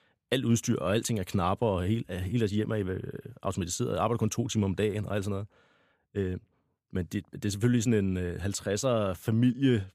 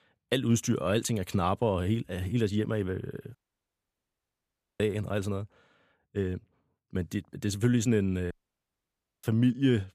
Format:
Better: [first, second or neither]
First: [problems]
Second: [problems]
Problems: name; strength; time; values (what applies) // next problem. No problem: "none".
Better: first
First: none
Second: audio cutting out; at 3.5 s for 1.5 s and at 8.5 s for 1 s